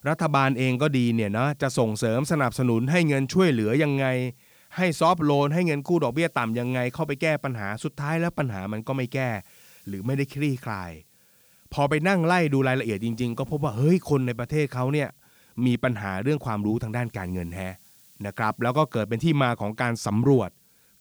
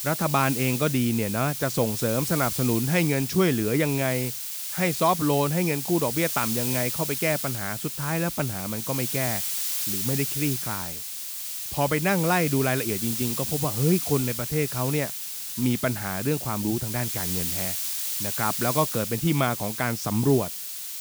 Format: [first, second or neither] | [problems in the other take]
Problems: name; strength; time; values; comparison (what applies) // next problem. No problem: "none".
first | hiss; loud; throughout; 3 dB below the speech; faint in the first